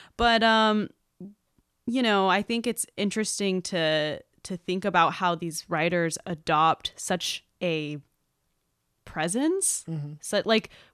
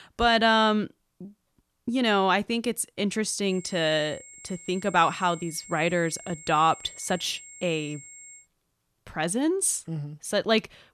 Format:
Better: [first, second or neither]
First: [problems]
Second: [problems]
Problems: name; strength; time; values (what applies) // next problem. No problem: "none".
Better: first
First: none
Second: high-pitched whine; noticeable; from 3.5 to 8.5 s; 7.5 kHz, 20 dB below the speech